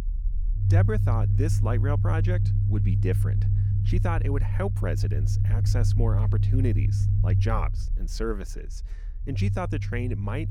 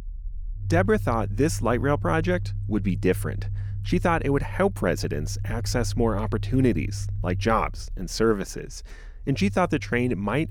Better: second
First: low rumble; loud; throughout; 5 dB below the speech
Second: low rumble; faint; throughout; 20 dB below the speech

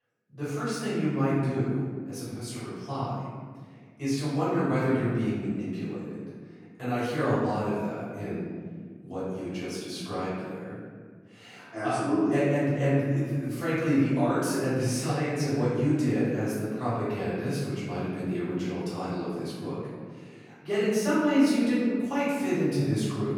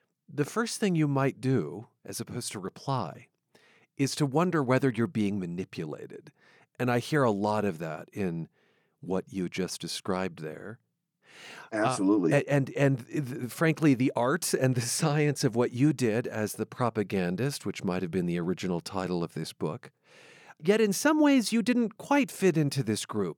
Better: second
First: room echo; strong; dies away in 1.8 s // off-mic speech; far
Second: none

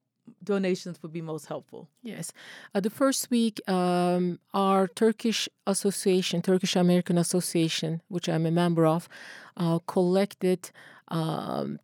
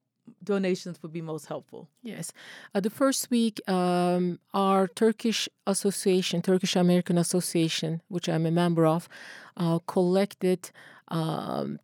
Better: neither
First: none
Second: none

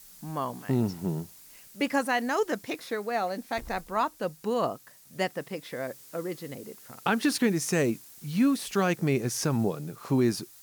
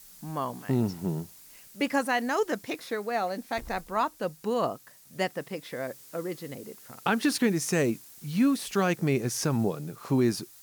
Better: neither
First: hiss; noticeable; throughout; 20 dB below the speech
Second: hiss; noticeable; throughout; 20 dB below the speech

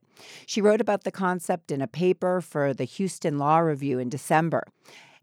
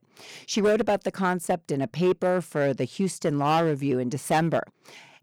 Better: first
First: none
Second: distortion; slight; 5% of the sound clipped

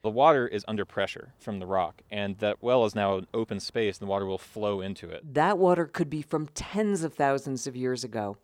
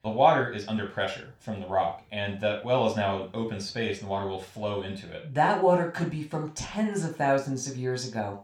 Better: first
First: none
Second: room echo; slight; dies away in 0.3 s // off-mic speech; somewhat distant

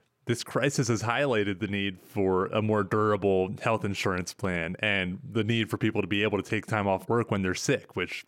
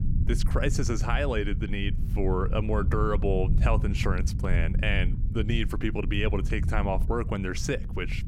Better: first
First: none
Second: low rumble; noticeable; throughout; 15 dB below the speech

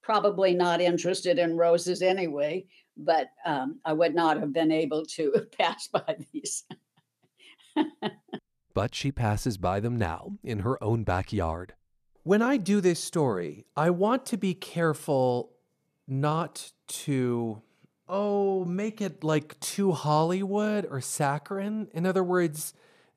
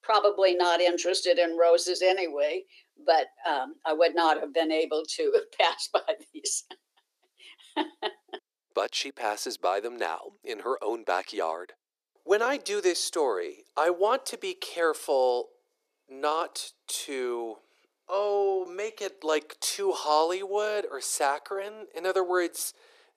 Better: first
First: none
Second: thin; very; fading below 350 Hz

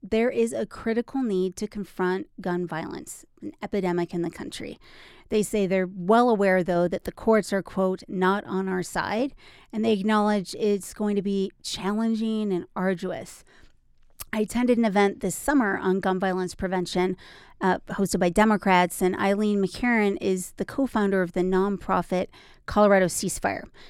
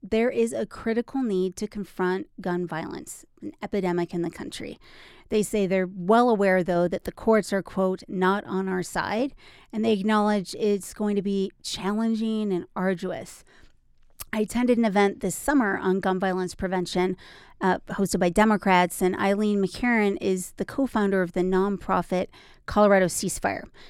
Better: neither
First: none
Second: none

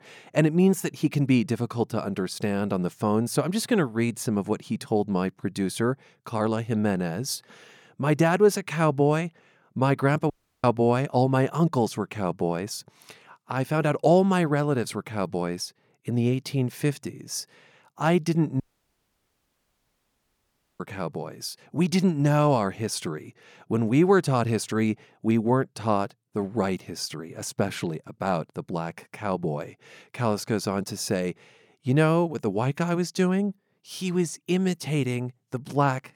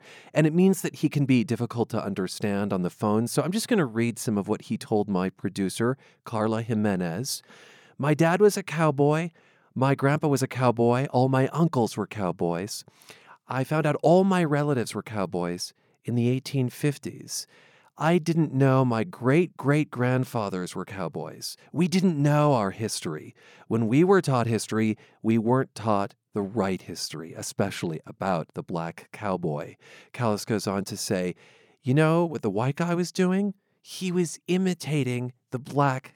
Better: second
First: audio cutting out; at 10 s and at 19 s for 2 s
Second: none

